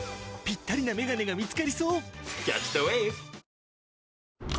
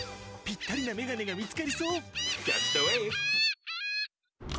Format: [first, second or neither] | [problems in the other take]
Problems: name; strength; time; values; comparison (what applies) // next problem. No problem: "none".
first | background sound (Gull, seagull); 1 dB above the speech